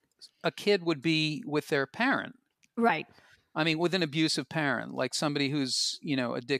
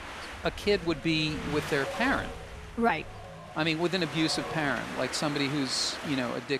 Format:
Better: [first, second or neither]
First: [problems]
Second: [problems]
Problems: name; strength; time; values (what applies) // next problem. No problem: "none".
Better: first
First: none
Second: wind noise on the microphone; heavy; 8 dB below the speech